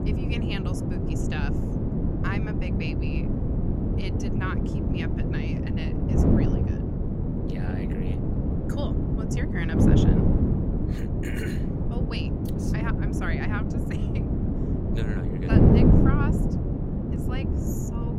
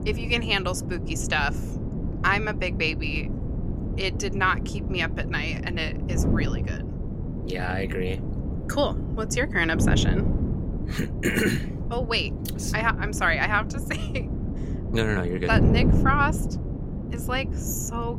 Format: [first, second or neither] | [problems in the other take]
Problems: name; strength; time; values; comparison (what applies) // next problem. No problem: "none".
second | wind noise on the microphone; heavy; 5 dB above the speech; occasional gusts in the second